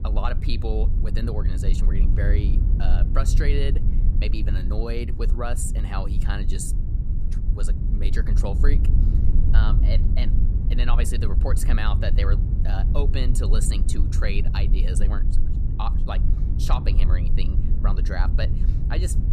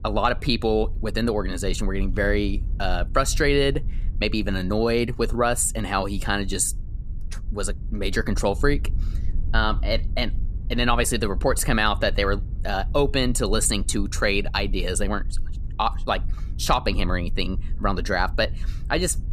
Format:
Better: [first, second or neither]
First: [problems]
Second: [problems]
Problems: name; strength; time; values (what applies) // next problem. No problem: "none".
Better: second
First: low rumble; loud; throughout; 6 dB below the speech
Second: low rumble; faint; throughout; 25 dB below the speech